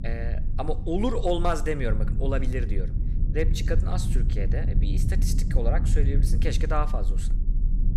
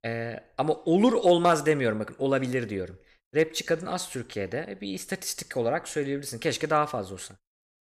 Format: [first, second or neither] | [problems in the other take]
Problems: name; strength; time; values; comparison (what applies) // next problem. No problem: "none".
second | low rumble; noticeable; throughout; 10 dB below the speech